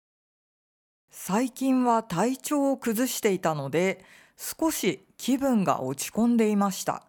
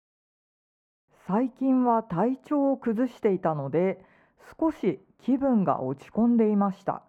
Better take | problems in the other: first | muffled; very; fading above 3 kHz

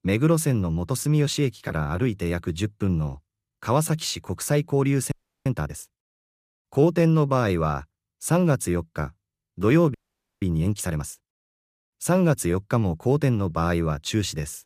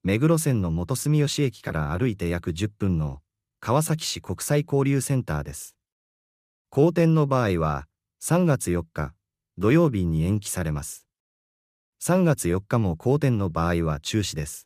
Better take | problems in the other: second | audio freezing; at 5 s and at 10 s

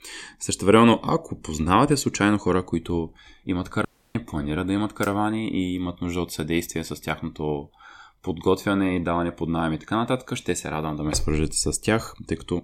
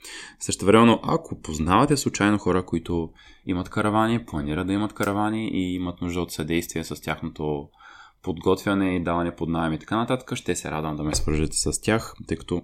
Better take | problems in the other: second | audio cutting out; at 4 s

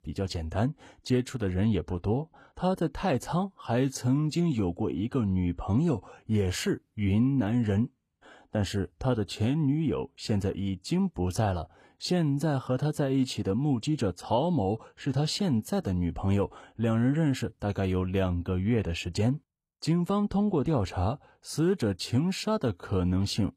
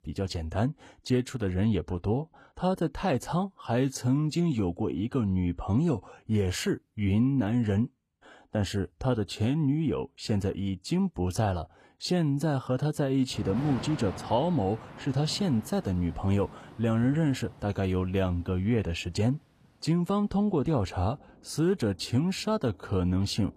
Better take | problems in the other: first | rain or running water; noticeable; from 13 s on; 15 dB below the speech

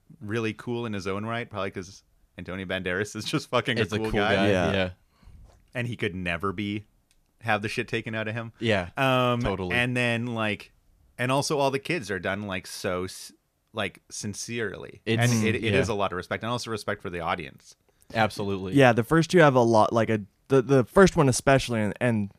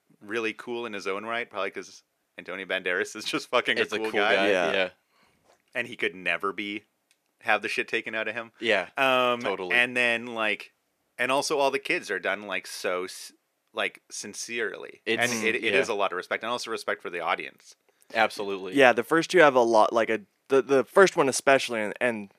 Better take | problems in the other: first | thin; somewhat; fading below 400 Hz

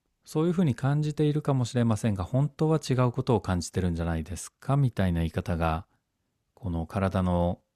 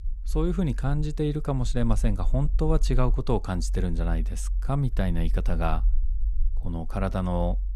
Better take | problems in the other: first | low rumble; faint; throughout; 25 dB below the speech

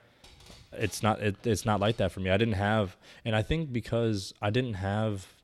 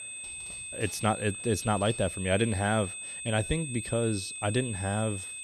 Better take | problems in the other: first | high-pitched whine; loud; throughout; 8.5 kHz, 7 dB below the speech

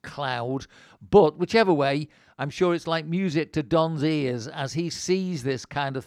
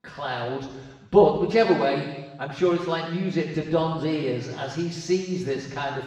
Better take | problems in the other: first | room echo; noticeable; dies away in 1 s // off-mic speech; far

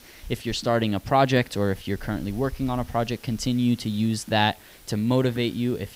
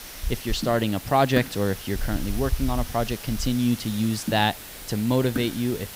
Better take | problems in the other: first | hiss; loud; throughout; 9 dB below the speech; faint in the first

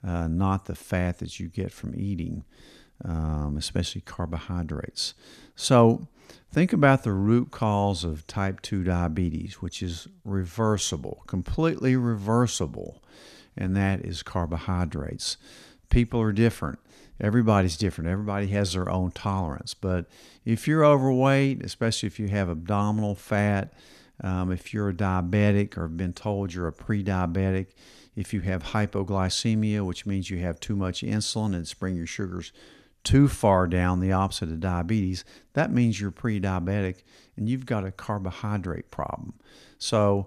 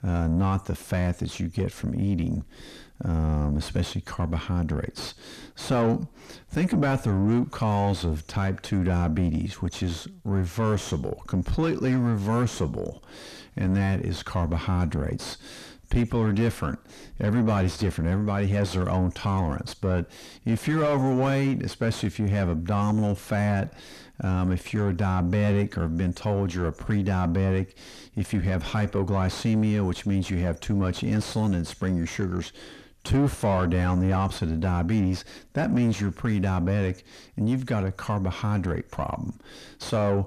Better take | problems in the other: first | distortion; heavy; 6 dB below the speech

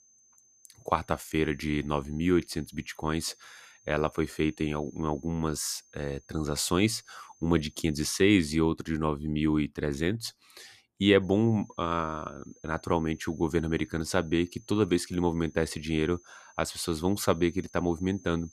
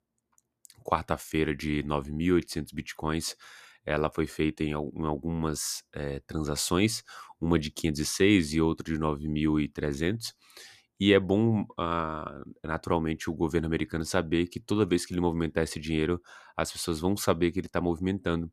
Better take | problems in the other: second | high-pitched whine; faint; until 8 s and from 11 s on; 6.5 kHz, 30 dB below the speech

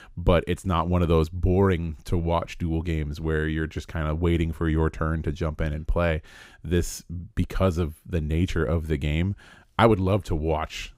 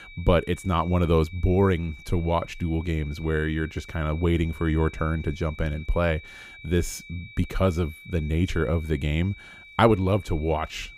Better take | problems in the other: first | high-pitched whine; noticeable; throughout; 2.5 kHz, 20 dB below the speech

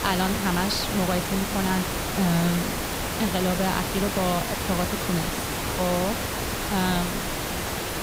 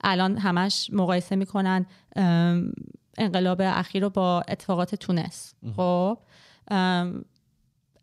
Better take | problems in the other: second | hiss; loud; throughout; 1 dB below the speech

